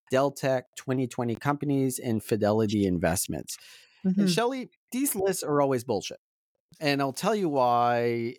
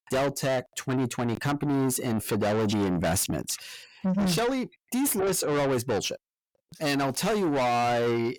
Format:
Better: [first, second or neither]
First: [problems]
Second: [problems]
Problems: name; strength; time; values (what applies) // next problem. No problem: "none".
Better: first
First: none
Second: distortion; heavy; 6 dB below the speech